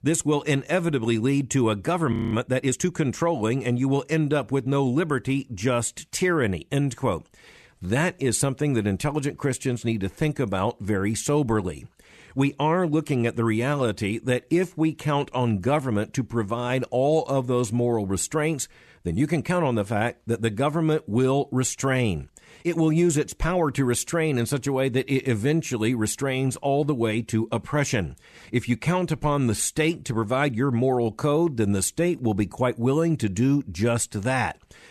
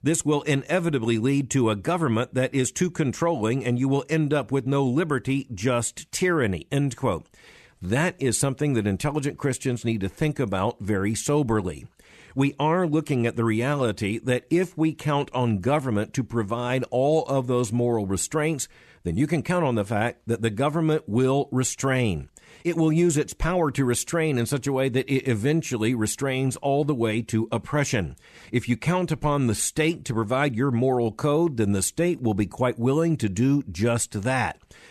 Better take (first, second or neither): second